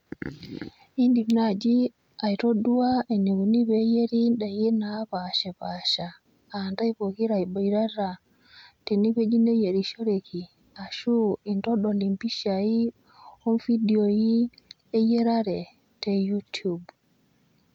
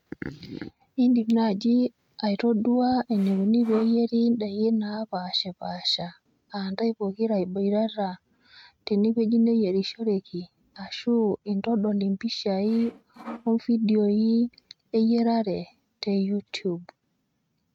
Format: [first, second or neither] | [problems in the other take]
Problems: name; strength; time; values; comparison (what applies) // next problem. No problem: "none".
first | noise reduction (neural mask model RNNoise)